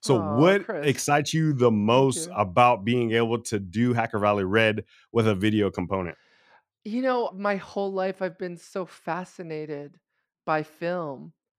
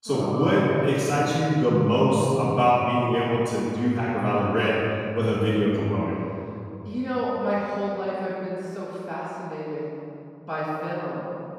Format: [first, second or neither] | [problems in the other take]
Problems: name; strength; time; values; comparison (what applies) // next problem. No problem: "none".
first | off-mic speech; far // room echo; strong; dies away in 2.7 s